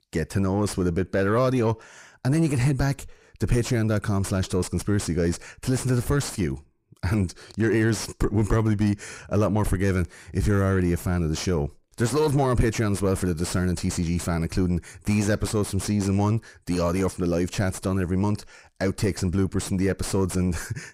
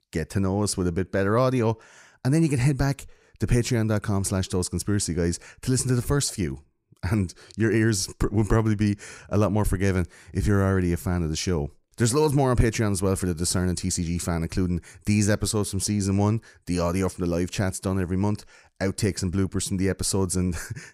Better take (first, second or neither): second